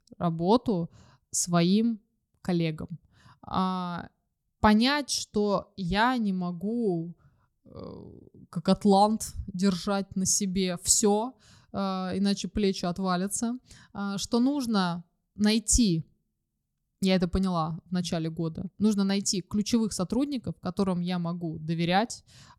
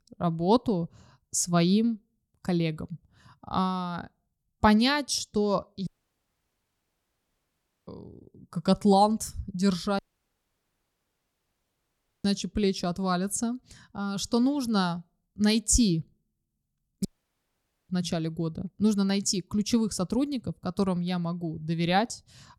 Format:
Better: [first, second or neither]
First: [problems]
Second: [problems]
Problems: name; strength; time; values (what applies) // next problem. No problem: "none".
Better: first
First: none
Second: audio cutting out; at 6 s for 2 s, at 10 s for 2.5 s and at 17 s for 1 s